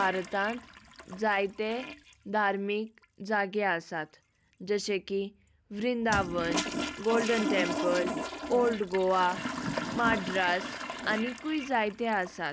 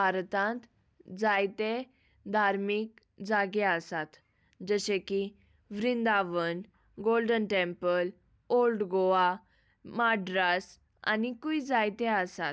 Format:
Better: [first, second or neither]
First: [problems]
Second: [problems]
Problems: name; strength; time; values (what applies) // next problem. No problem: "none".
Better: second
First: background sound (Toilet flush); 7 dB below the speech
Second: none